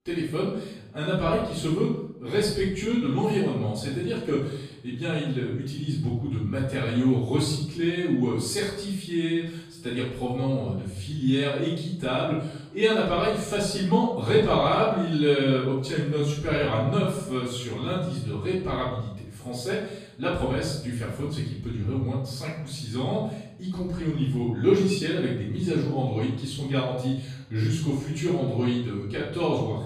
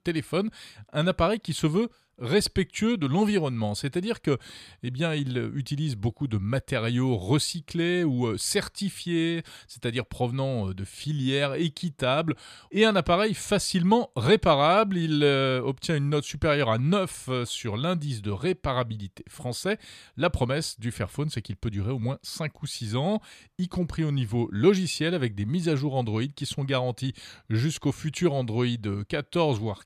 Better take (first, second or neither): second